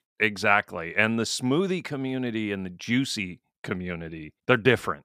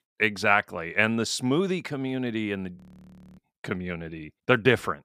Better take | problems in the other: first | audio freezing; at 3 s for 0.5 s

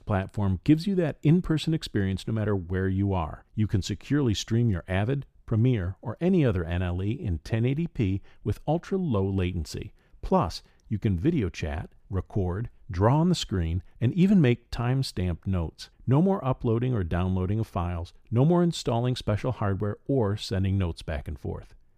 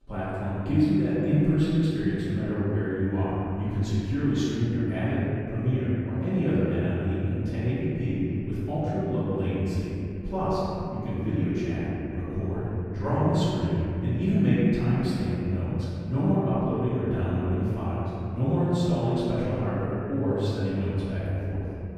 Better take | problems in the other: first | room echo; strong; dies away in 3 s // off-mic speech; far

